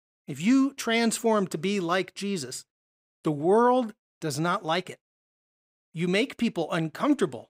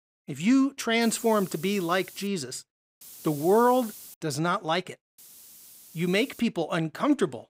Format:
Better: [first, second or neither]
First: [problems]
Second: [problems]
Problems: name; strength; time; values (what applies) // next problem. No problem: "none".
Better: first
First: none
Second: hiss; noticeable; from 1 to 2.5 s, from 3 to 4 s and from 5 to 6.5 s; 20 dB below the speech